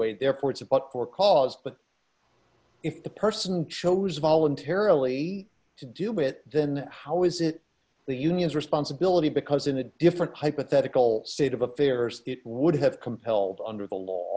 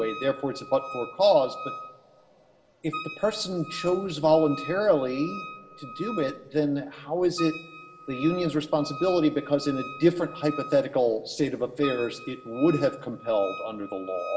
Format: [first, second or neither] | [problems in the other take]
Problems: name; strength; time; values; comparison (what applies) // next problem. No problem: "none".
first | background sound (Wind instrument, woodwind instrument); 14 dB below the speech // room echo; dies away in 1.8 s